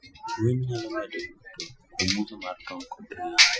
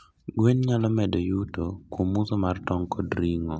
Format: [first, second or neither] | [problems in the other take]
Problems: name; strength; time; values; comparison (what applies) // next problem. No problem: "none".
second | noise reduction (classical method Wiener filter)